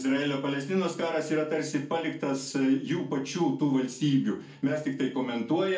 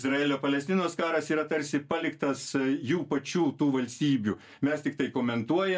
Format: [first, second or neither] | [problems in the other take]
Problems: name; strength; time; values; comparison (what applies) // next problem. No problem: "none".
second | room echo; dies away in 0.4 s